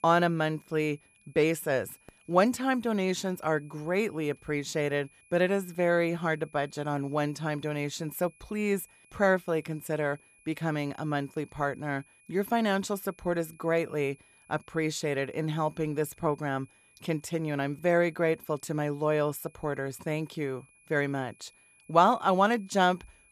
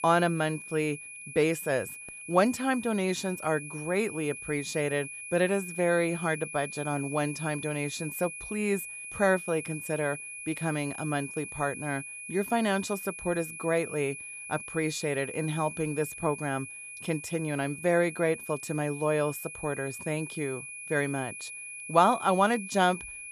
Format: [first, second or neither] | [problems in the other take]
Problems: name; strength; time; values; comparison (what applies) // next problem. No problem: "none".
first | high-pitched whine; loud; throughout; 2.5 kHz, 9 dB below the speech; faint in the first